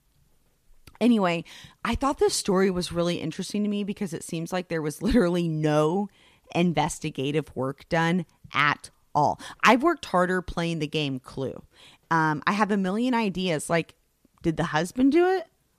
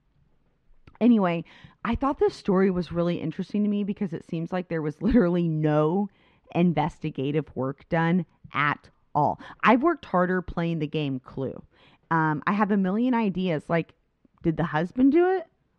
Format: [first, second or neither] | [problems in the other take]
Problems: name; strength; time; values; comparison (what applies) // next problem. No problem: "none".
first | muffled; slightly; fading above 2.5 kHz